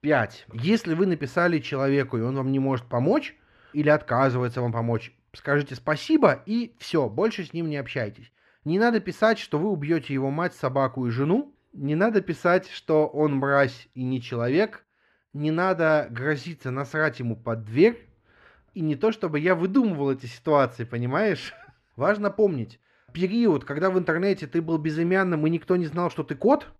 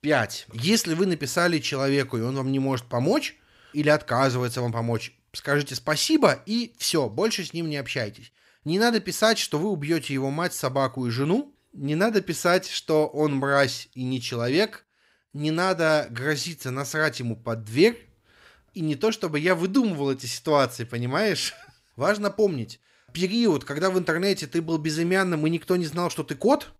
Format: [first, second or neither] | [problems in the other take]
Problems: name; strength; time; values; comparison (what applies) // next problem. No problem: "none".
second | muffled; slightly; fading above 4 kHz